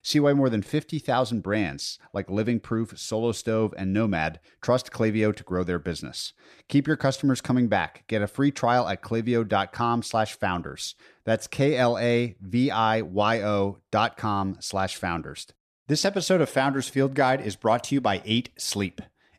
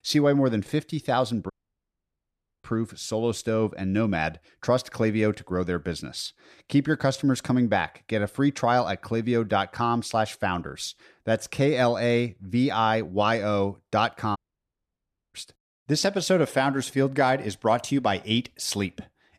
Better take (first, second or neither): first